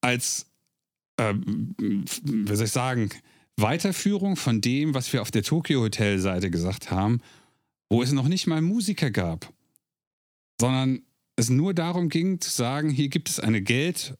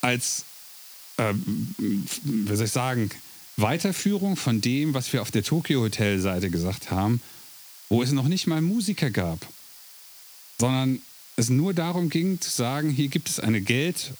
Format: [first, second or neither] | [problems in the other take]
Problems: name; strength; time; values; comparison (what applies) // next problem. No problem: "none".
first | hiss; noticeable; throughout; 20 dB below the speech